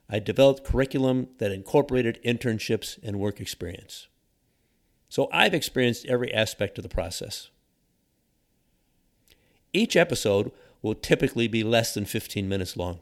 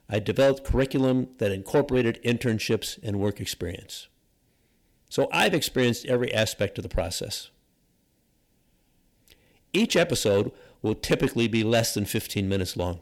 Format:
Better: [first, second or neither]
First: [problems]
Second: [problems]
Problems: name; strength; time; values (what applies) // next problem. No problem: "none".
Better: first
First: none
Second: distortion; slight; 10 dB below the speech